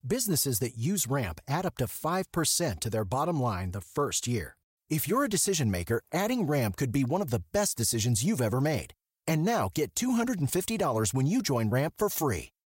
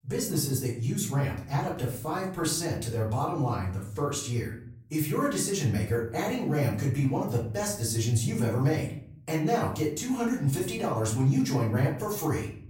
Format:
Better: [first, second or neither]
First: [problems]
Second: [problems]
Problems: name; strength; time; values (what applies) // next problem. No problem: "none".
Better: first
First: none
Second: off-mic speech; far // room echo; slight; dies away in 0.6 s